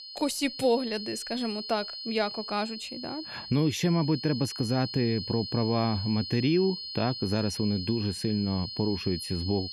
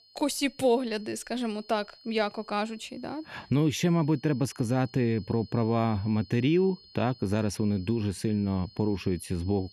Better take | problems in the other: second | high-pitched whine; loud; throughout; 4.5 kHz, 7 dB below the speech; faint in the second

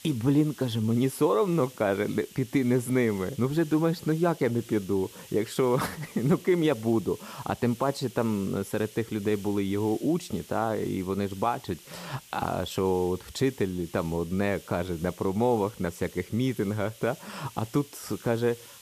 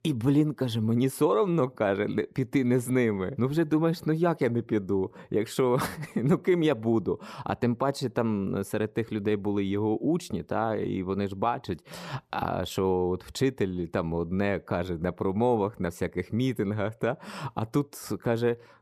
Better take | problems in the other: second | hiss; noticeable; throughout; 20 dB below the speech

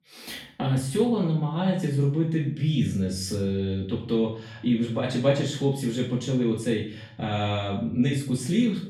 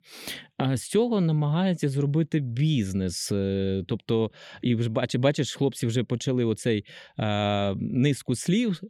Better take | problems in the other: second | off-mic speech; far // room echo; noticeable; dies away in 0.5 s

